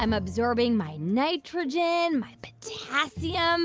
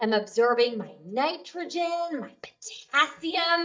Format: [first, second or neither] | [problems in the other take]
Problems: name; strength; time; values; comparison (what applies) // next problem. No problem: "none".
first | noise reduction (neural mask model DeepFilterNet 3)